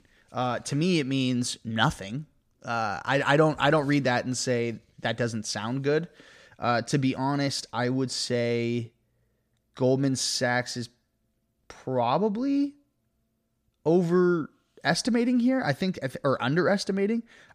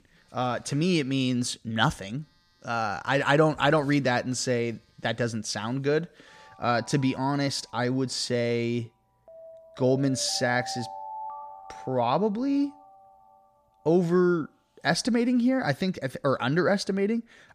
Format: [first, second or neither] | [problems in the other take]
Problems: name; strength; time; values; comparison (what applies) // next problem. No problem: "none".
first | alarms or sirens; noticeable; throughout; 15 dB below the speech